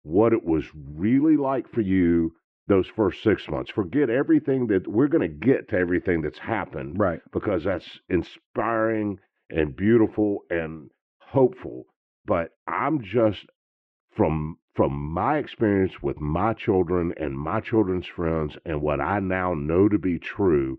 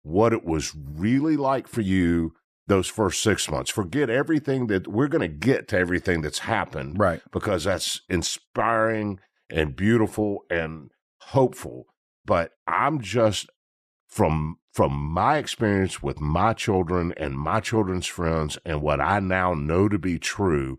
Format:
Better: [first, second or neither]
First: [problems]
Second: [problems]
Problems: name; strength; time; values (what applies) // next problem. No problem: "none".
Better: second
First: muffled; very; fading above 2.5 kHz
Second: none